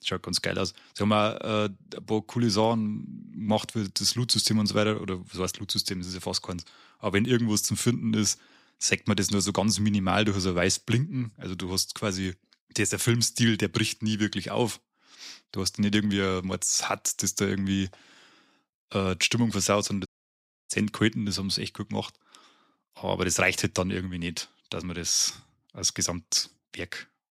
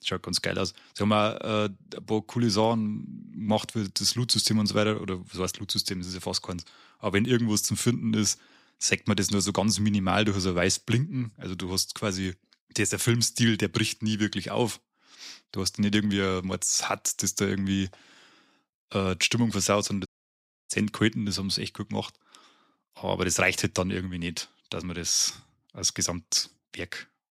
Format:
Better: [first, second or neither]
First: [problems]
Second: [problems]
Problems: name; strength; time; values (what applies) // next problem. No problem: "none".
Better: neither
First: audio cutting out; at 20 s for 0.5 s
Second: audio cutting out; at 20 s for 0.5 s